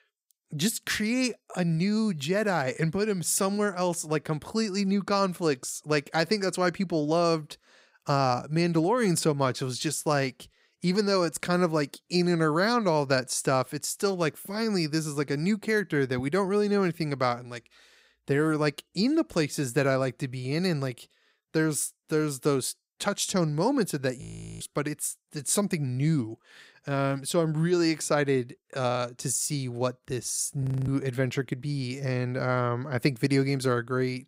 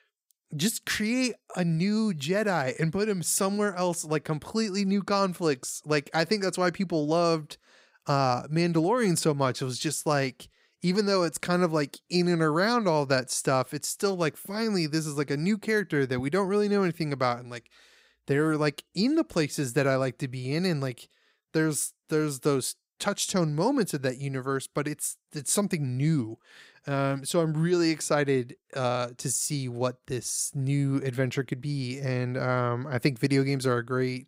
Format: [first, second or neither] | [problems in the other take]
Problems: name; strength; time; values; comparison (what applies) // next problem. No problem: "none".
second | audio freezing; at 24 s and at 31 s